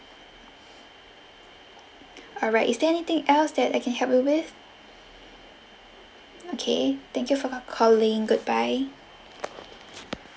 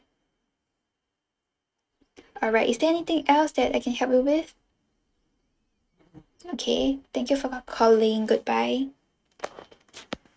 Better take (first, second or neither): first